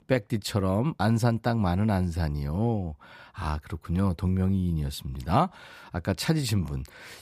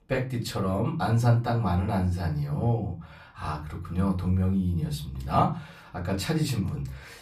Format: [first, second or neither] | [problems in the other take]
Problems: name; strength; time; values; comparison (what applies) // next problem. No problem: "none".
first | off-mic speech; far // room echo; very slight; dies away in 0.3 s